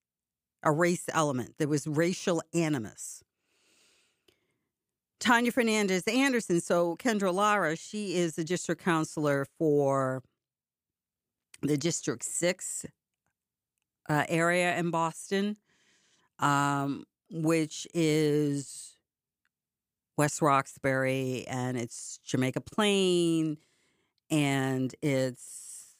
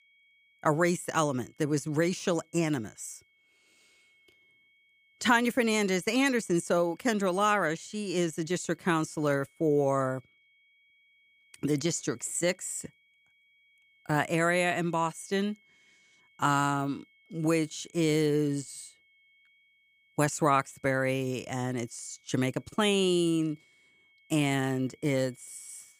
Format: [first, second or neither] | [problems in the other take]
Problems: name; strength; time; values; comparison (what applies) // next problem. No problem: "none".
first | high-pitched whine; faint; throughout; 2 kHz, 35 dB below the speech